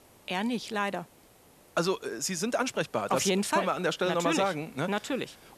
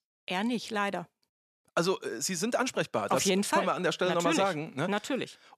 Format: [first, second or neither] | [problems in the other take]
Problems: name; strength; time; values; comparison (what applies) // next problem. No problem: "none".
second | hiss; faint; throughout; 25 dB below the speech